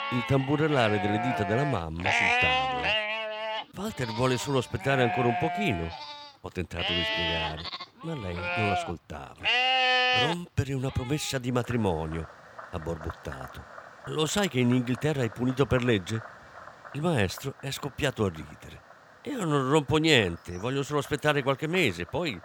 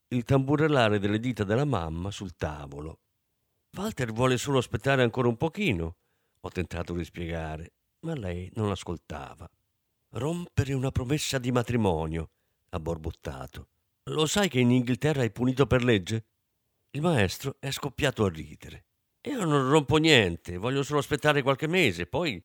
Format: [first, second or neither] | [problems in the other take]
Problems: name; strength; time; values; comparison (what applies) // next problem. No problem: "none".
second | animal sounds; very loud; throughout; 1 dB above the speech